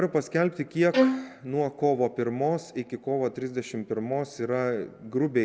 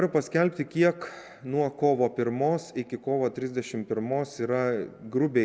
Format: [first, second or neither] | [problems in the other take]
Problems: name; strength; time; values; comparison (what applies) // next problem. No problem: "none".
second | background sound (Bowed string instrument); as loud as the speech